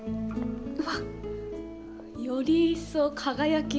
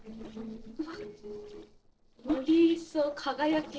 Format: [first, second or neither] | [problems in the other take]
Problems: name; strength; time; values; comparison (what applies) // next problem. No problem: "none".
first | noise reduction (neural separator model SepFormer DNS4)